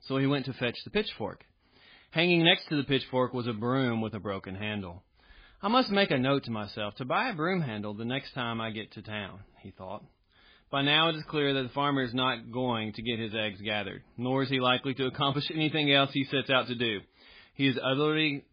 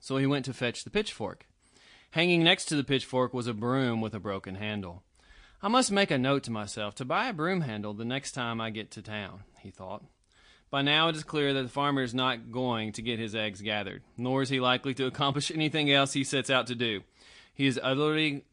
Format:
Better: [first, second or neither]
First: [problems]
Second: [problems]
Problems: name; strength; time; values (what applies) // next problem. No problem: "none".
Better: second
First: garbled, watery; badly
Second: garbled, watery; slightly